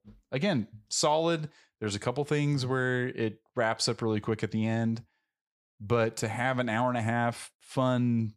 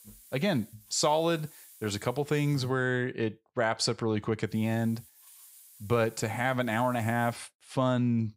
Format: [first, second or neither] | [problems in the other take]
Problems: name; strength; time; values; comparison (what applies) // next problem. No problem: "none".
first | hiss; faint; until 2.5 s and from 4.5 to 7.5 s; 20 dB below the speech